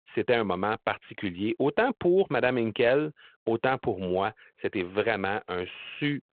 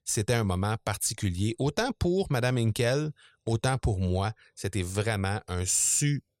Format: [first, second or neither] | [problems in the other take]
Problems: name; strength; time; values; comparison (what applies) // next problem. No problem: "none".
second | phone-call audio; nothing above 4 kHz